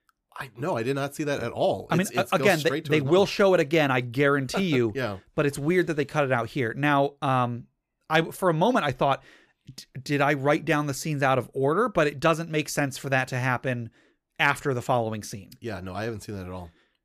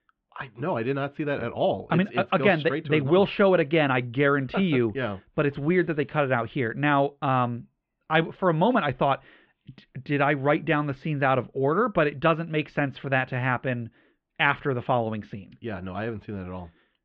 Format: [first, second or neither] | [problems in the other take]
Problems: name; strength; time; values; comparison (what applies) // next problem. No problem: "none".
first | muffled; very; fading above 3.5 kHz